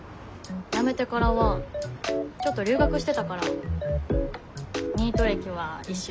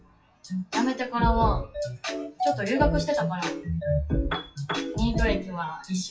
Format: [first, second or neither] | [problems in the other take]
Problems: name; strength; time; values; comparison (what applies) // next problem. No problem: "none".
first | noise reduction (classical method WPE with log-MMSE)